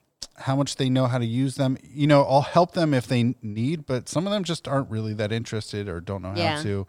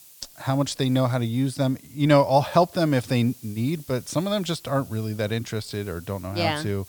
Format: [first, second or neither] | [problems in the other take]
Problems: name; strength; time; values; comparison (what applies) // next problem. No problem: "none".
first | hiss; faint; throughout; 20 dB below the speech